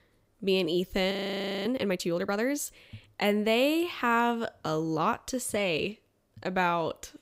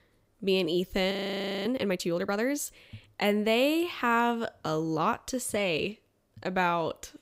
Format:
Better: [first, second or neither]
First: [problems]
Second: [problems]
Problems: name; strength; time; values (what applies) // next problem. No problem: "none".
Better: neither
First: audio freezing; at 1 s for 0.5 s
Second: audio freezing; at 1 s for 0.5 s